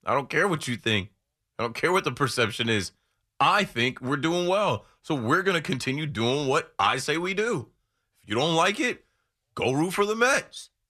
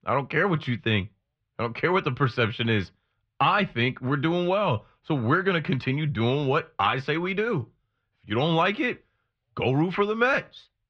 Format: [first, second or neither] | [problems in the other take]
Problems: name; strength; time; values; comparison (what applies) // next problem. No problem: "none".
first | muffled; slightly; fading above 3.5 kHz